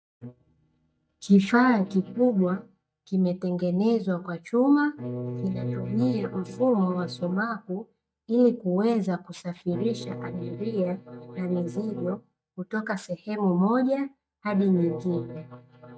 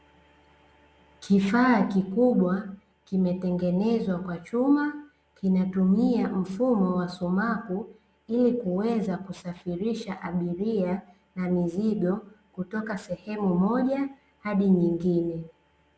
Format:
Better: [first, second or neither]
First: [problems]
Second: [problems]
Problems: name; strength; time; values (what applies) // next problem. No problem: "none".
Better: second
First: noise reduction (neural mask model DeepFilterNet 3)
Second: none